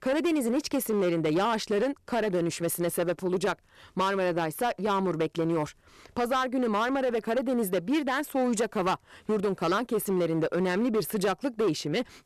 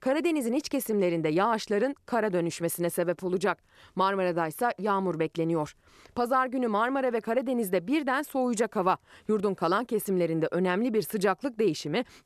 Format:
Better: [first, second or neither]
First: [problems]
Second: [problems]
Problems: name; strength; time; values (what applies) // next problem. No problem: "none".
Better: second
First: distortion; slight; 12% of the sound clipped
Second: none